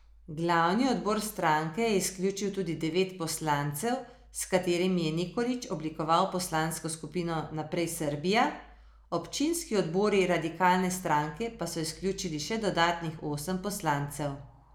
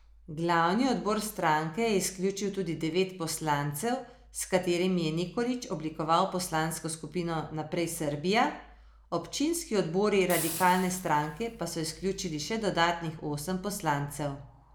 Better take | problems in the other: first | background sound (Hiss); 12 dB below the speech

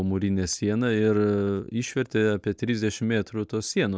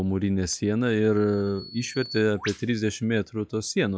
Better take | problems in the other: first | noise reduction (classical method log-MMSE)

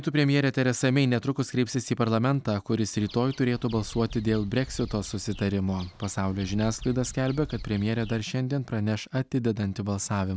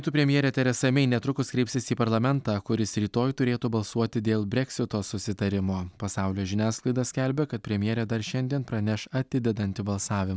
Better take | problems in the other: second | background sound (Bird vocalization, bird call, bird song); 16 dB below the speech

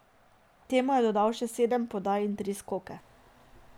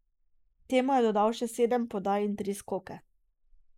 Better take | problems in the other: first | noise reduction (neural mask model Resemble Enhance denoiser)

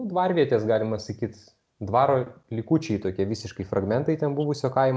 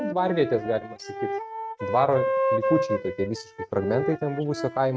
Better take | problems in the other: first | noise reduction (neural mask model RNNoise)

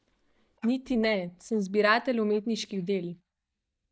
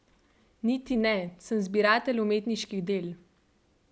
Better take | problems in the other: second | noise reduction (neural mask model DeepFilterNet 3)

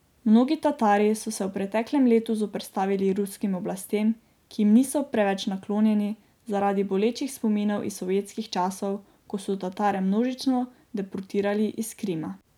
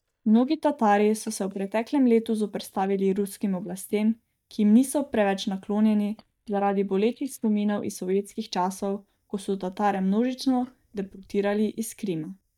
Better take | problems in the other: first | noise reduction (neural mask model DeepFilterNet 3)

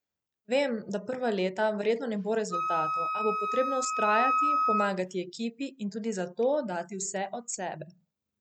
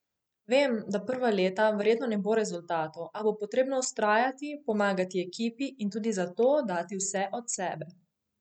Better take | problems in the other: second | background sound (Wind instrument, woodwind instrument); 2 dB above the speech

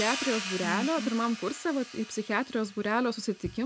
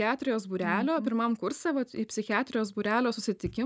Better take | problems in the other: second | background sound (Hi-hat); 10 dB below the speech

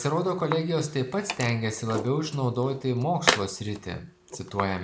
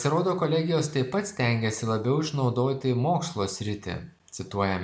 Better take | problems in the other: second | background sound (Tools); 6 dB below the speech

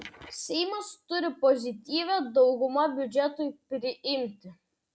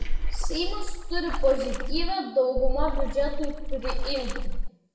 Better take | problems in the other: first | background sound (Splash, splatter); 4 dB above the speech // room echo; dies away in 0.8 s

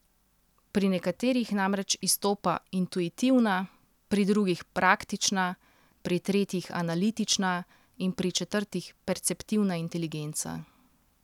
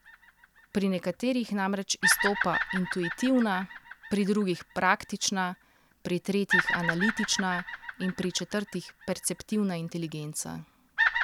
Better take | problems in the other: first | background sound (Bird vocalization, bird call, bird song); 4 dB below the speech

